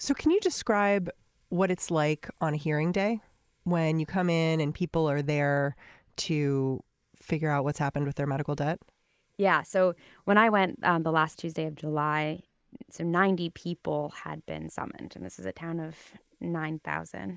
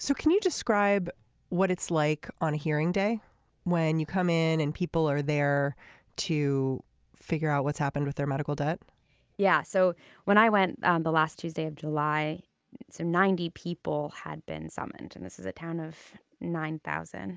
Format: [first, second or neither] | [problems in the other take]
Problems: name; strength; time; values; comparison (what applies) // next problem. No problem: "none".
second | noise reduction (neural mask model Resemble Enhance denoiser)